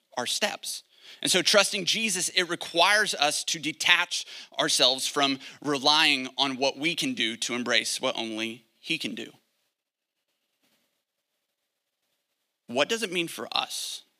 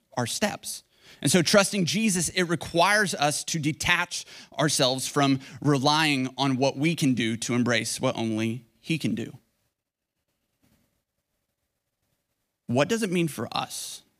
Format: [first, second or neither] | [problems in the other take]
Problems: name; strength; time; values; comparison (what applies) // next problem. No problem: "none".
second | thin; somewhat; fading below 350 Hz